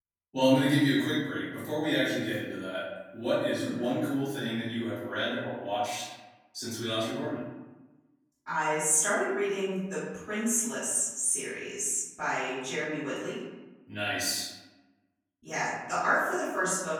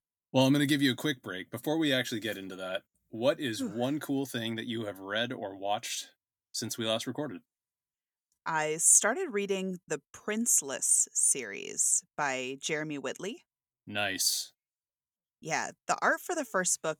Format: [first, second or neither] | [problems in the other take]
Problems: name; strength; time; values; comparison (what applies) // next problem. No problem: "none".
second | room echo; strong; dies away in 1 s // off-mic speech; far